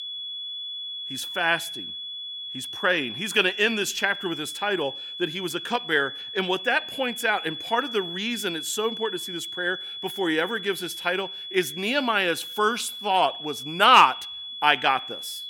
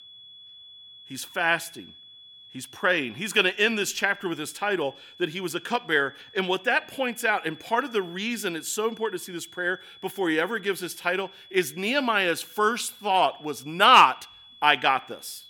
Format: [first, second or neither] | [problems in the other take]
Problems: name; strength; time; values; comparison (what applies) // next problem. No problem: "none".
second | high-pitched whine; loud; throughout; 3.5 kHz, 9 dB below the speech; faint in the second